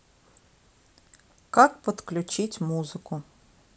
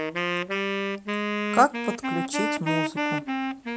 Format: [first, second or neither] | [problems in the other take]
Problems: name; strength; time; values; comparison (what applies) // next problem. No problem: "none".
first | background sound (Wind instrument, woodwind instrument); 2 dB above the speech